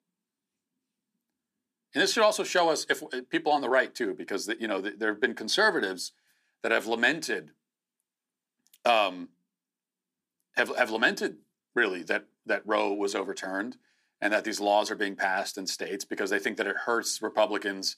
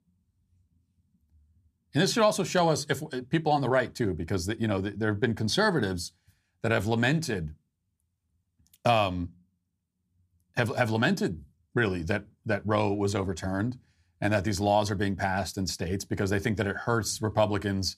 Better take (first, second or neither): second